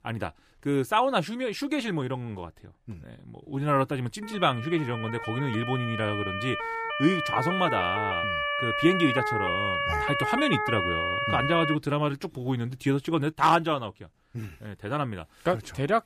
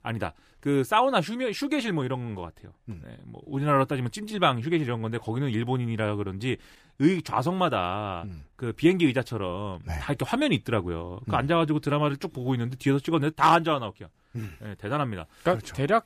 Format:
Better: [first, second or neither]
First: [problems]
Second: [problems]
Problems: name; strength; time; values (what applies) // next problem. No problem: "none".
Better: second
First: siren; loud; from 4 to 12 s; peak 2 dB above the speech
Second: none